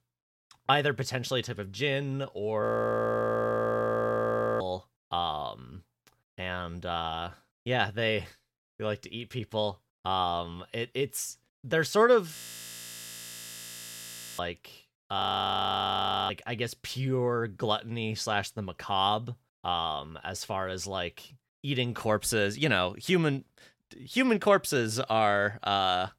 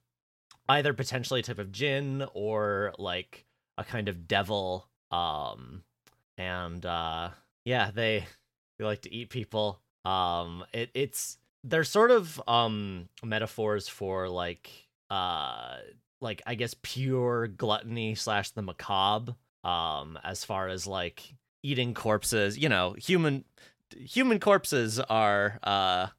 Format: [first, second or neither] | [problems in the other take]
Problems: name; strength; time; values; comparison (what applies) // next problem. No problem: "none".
second | audio freezing; at 2.5 s for 2 s, at 12 s for 2 s and at 15 s for 1 s